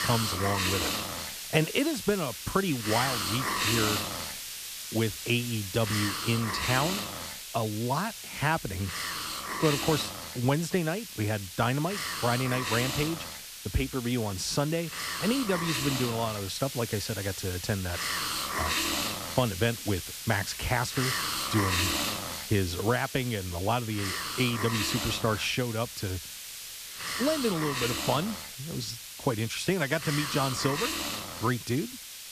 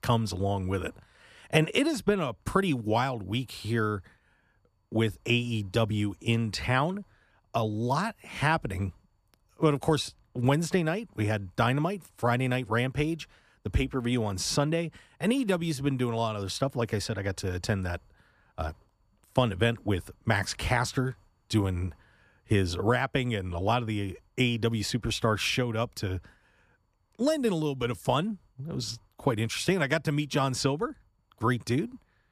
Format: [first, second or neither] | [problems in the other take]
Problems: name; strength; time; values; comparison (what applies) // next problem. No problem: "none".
second | hiss; loud; throughout; 2 dB below the speech